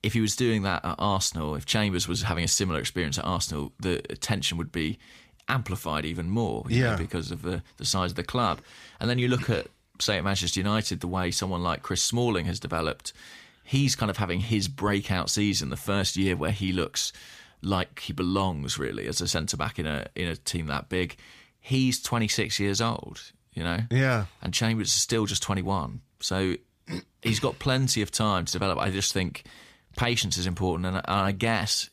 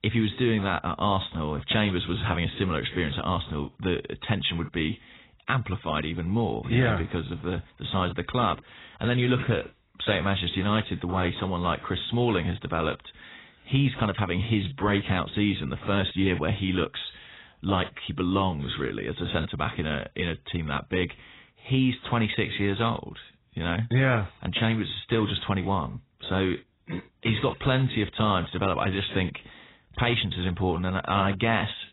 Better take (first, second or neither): first